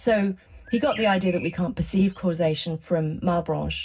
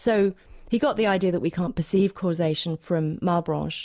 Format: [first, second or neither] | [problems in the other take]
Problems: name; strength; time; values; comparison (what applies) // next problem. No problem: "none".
second | background sound (Bird); 19 dB below the speech // room echo; dies away in 0.4 s